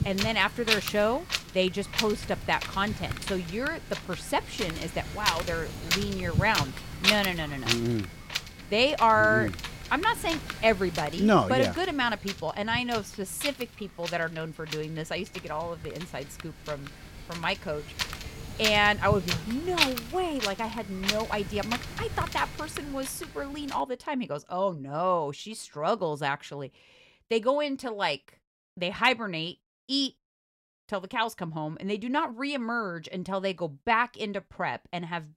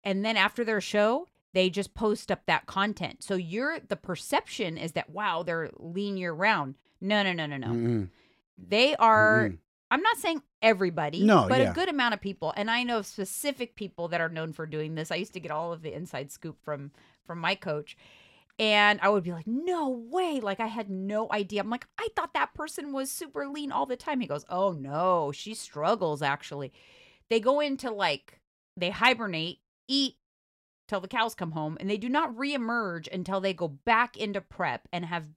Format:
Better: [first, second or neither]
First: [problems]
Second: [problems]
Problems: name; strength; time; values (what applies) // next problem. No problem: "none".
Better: second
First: wind noise on the microphone; heavy; until 24 s; 4 dB below the speech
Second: none